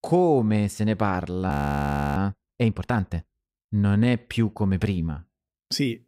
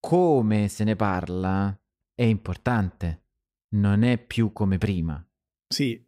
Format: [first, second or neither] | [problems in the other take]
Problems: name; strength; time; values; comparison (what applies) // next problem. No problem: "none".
second | audio freezing; at 1.5 s for 0.5 s